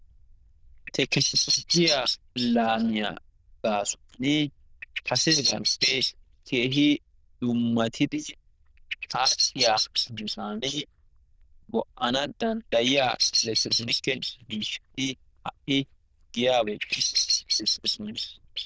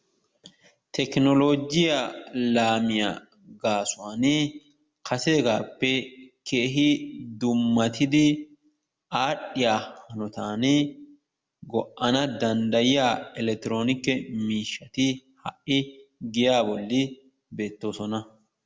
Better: second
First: noise reduction (neural diffusion model UNIVERSE++)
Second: none

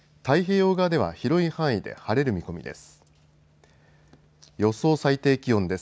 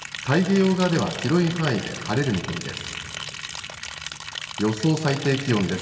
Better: first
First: none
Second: background sound (Liquid); 11 dB below the speech // room echo; dies away in 2.6 s

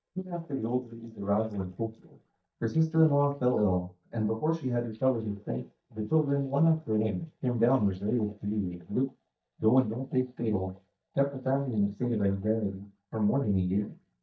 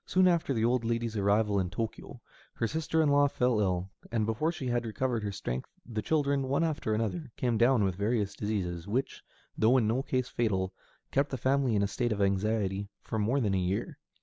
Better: second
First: noise reduction (neural mask model DeepFilterNet 3)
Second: none

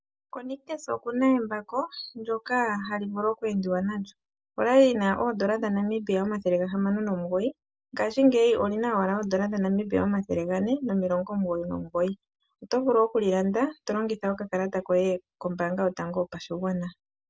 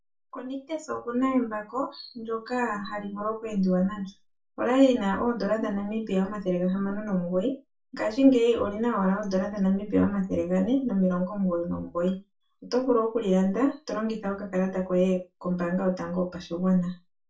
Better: first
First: none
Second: room echo; dies away in 0.2 s

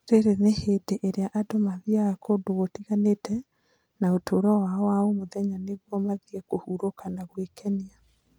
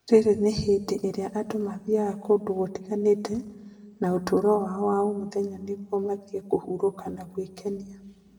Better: first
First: none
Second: room echo; dies away in 0.9 s

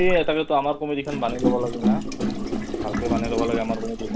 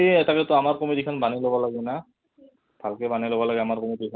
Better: second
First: background sound (Gurgling); 1 dB below the speech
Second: none

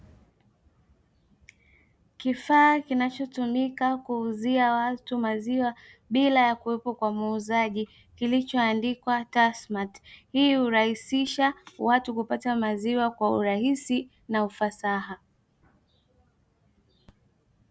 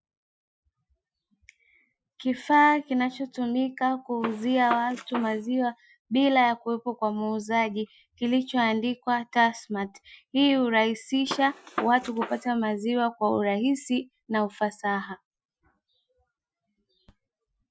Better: first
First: none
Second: noise reduction (classical method Wiener filter)

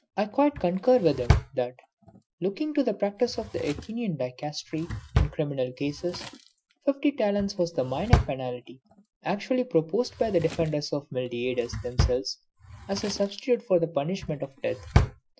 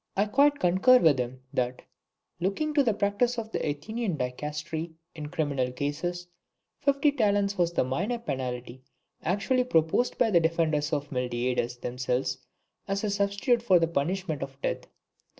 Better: second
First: noise reduction (classical method Wiener filter)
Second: none

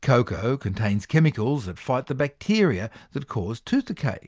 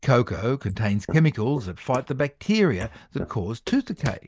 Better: first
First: none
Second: noise reduction (neural mask model Resemble Enhance denoiser)

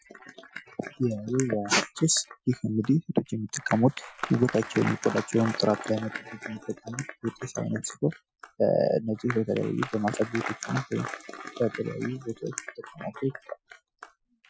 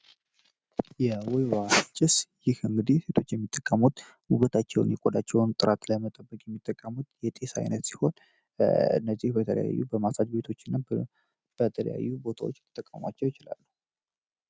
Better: second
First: noise reduction (classical method Wiener filter)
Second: none

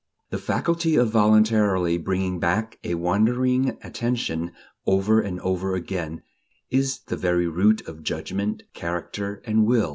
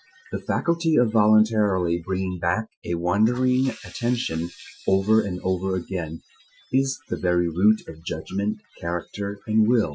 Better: first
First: none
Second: noise reduction (classical method Wiener filter)

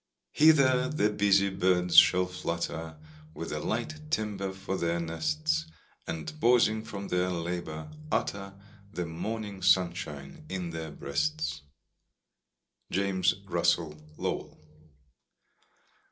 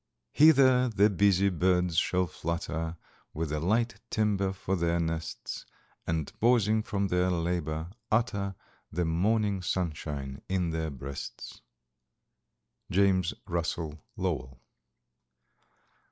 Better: second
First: room echo; dies away in 0.2 s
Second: none

